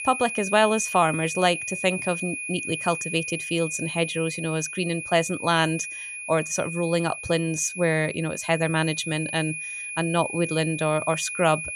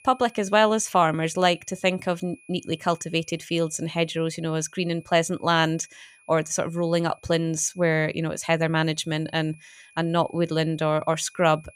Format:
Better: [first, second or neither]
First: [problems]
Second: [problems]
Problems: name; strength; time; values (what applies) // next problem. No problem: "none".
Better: second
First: high-pitched whine; loud; throughout; 2.5 kHz, 6 dB below the speech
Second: high-pitched whine; faint; throughout; 2.5 kHz, 30 dB below the speech